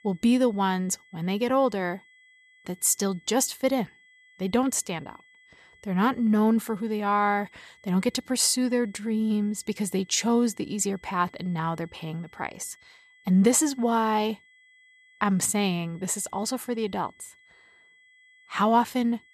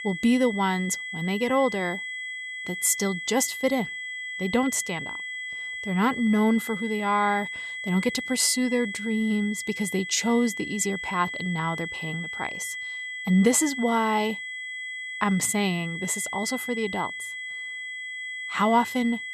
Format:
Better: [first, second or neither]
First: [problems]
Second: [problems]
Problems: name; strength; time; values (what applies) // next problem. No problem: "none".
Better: first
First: high-pitched whine; faint; throughout; 2 kHz, 30 dB below the speech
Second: high-pitched whine; loud; throughout; 2 kHz, 7 dB below the speech